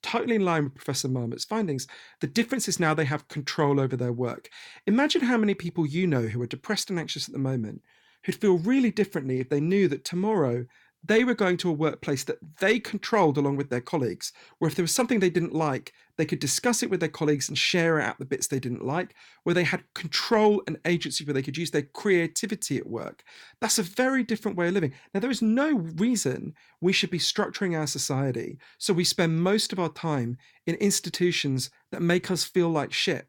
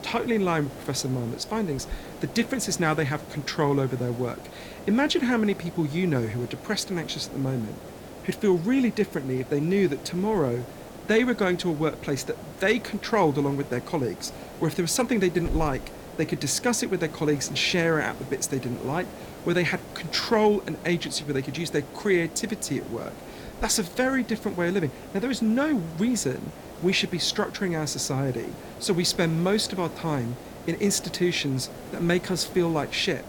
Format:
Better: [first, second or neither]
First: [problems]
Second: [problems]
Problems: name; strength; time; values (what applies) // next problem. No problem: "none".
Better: first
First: none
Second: hiss; noticeable; throughout; 15 dB below the speech